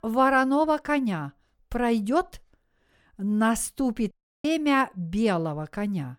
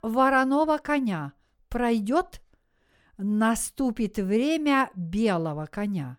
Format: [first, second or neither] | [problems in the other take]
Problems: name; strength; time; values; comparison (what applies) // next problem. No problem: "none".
second | audio cutting out; at 4 s